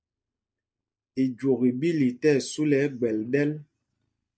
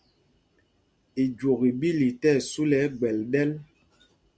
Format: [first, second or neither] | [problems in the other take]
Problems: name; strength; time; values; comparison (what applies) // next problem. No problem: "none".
second | noise reduction (neural mask model DeepFilterNet 3)